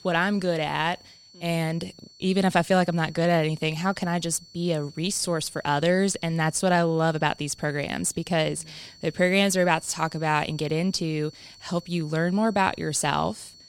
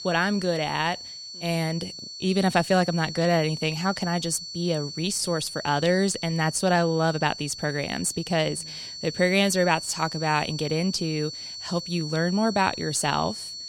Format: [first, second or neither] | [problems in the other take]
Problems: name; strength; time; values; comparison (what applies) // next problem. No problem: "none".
first | high-pitched whine; loud; throughout; 4.5 kHz, 10 dB below the speech; faint in the first